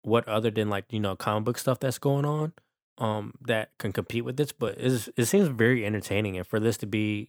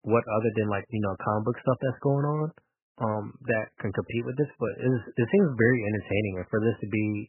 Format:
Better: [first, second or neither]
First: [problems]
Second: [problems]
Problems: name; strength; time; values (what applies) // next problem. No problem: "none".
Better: first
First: none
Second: garbled, watery; badly; nothing above 3 kHz